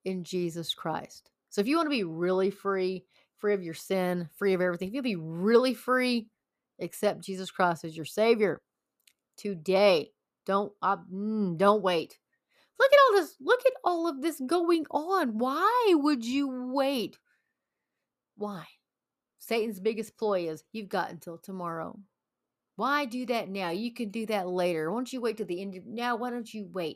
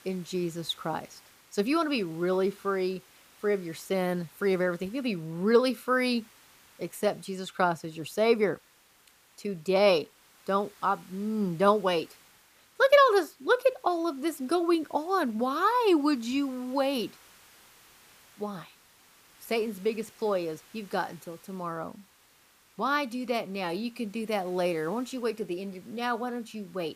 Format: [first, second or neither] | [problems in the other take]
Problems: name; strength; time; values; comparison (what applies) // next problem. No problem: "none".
first | hiss; faint; throughout; 25 dB below the speech